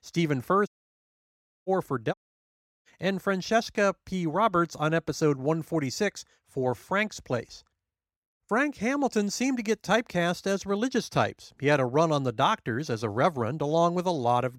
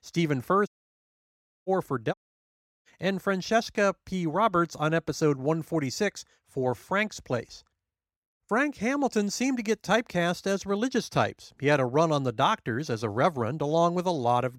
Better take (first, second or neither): neither